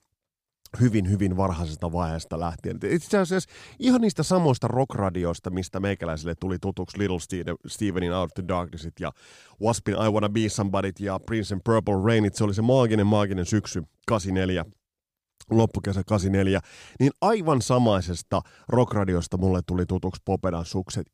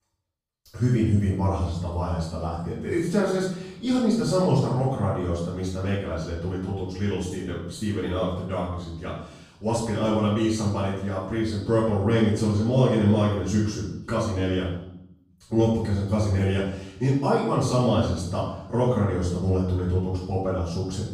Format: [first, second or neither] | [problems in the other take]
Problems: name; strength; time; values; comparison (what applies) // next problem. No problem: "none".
first | off-mic speech; far // room echo; noticeable; dies away in 0.7 s